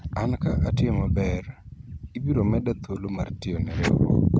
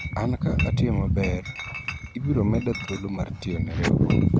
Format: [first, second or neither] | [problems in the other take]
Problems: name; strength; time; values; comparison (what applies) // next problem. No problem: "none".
first | background sound (Chatter / Chink, clink); 15 dB below the speech